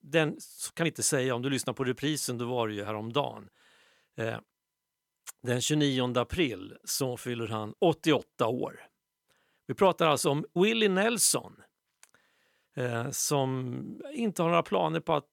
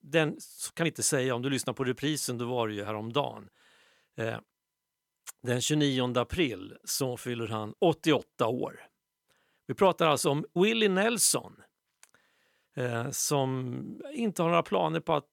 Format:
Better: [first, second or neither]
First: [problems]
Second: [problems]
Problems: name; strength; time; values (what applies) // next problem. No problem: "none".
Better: neither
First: none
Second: none